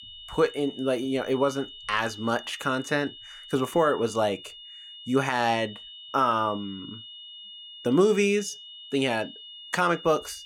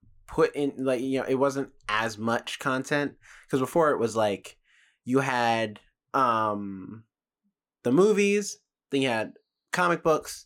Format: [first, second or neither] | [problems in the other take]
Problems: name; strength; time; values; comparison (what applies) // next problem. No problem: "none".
second | high-pitched whine; noticeable; throughout; 3 kHz, 15 dB below the speech